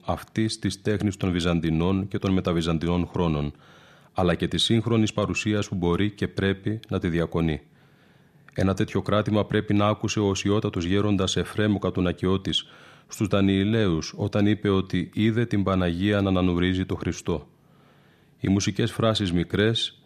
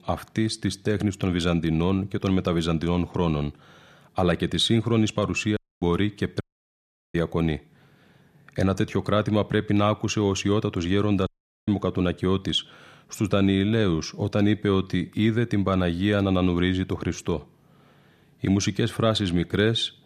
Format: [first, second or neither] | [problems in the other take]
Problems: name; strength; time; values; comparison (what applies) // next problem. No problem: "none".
first | audio cutting out; at 5.5 s, at 6.5 s for 0.5 s and at 11 s